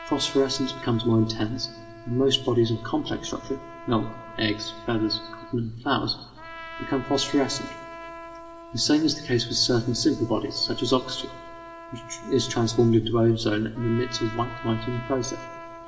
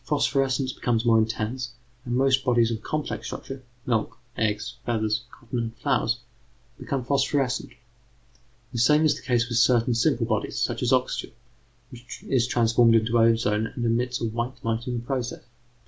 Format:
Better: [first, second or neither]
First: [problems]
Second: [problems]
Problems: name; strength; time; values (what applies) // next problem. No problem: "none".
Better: second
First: background sound (Trumpet); 16 dB below the speech // room echo; dies away in 2.4 s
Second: none